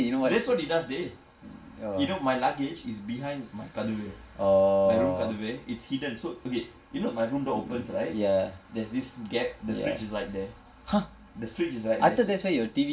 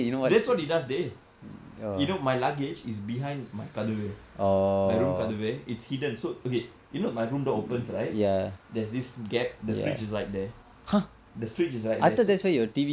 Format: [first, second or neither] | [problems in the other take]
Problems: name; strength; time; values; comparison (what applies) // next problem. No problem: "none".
second | room echo; dies away in 0.2 s